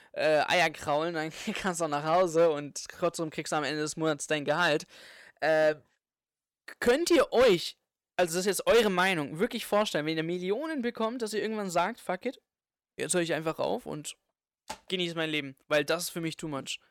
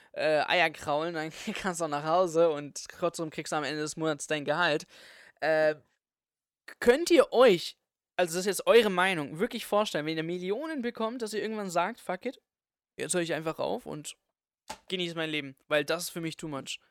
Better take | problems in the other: second | distortion; slight; 2% of the sound clipped

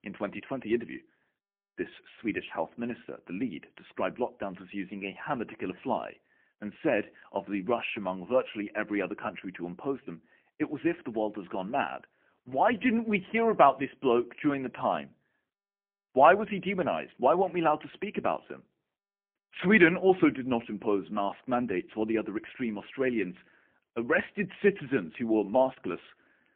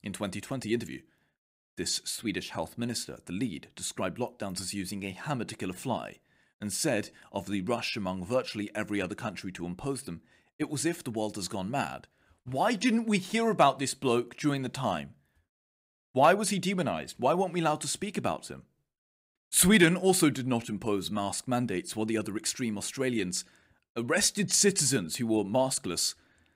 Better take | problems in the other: second | phone-call audio; poor line

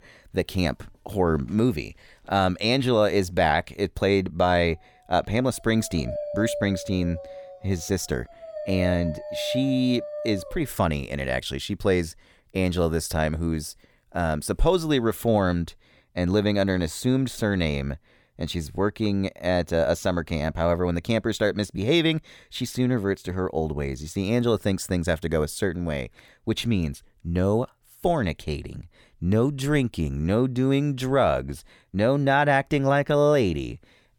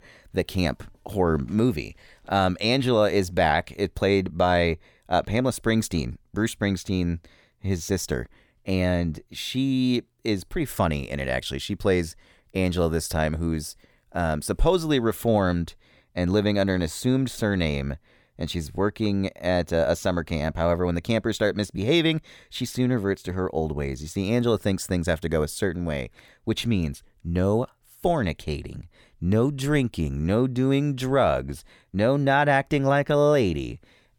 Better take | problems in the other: second | dog barking; noticeable; from 5.5 to 11 s; peak 5 dB below the speech

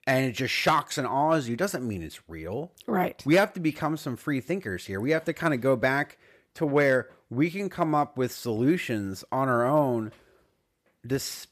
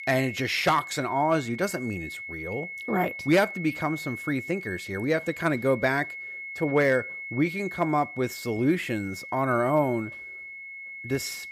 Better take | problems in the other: first | high-pitched whine; loud; throughout; 2 kHz, 10 dB below the speech

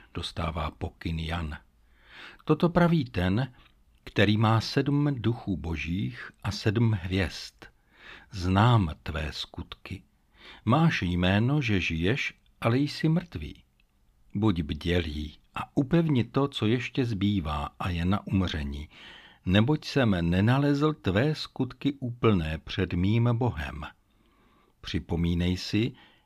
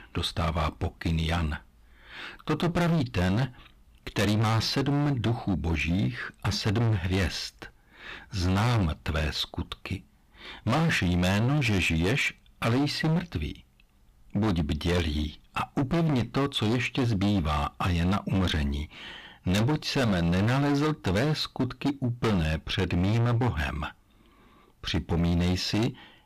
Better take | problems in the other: first | distortion; heavy; 20% of the sound clipped

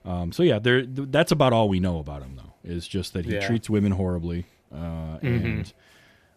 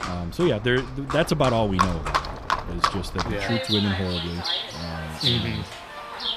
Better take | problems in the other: first | animal sounds; loud; throughout; 2 dB below the speech

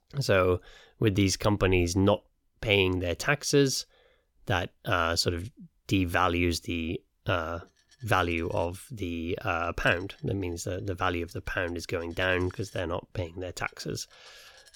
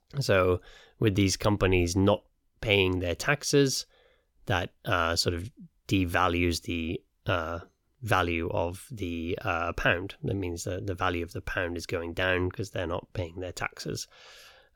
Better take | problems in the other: second | household noises; faint; from 7.5 s on; 30 dB below the speech

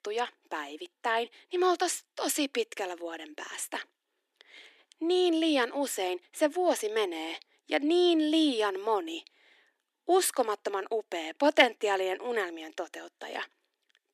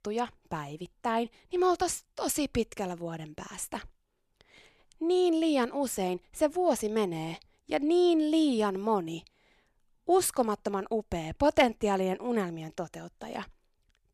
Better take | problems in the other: second | thin; very slightly; fading below 300 Hz

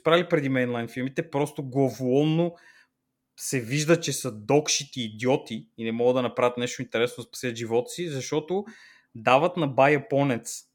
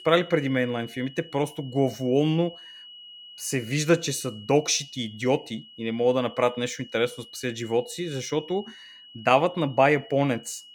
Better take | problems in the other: first | high-pitched whine; noticeable; throughout; 3 kHz, 20 dB below the speech

